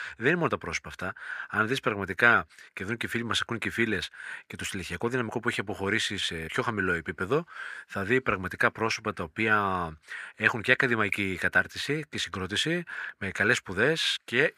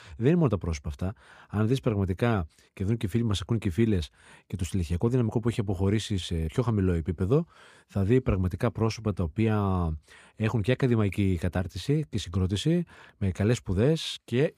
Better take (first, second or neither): second